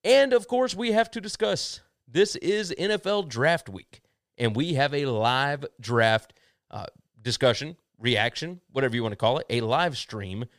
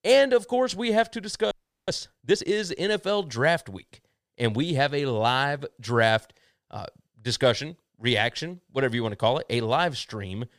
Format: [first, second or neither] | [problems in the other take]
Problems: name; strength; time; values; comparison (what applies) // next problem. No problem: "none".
first | audio freezing; at 1.5 s